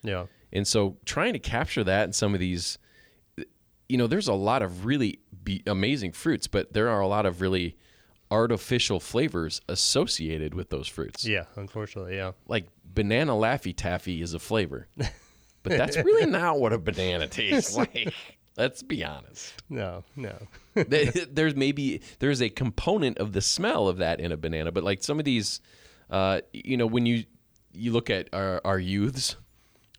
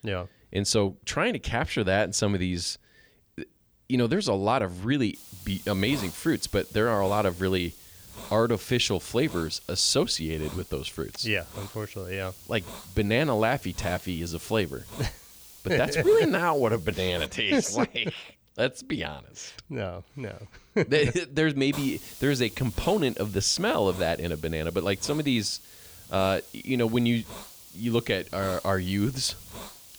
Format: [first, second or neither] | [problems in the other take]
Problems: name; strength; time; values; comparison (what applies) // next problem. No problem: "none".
first | hiss; noticeable; from 5 to 17 s and from 22 s on; 15 dB below the speech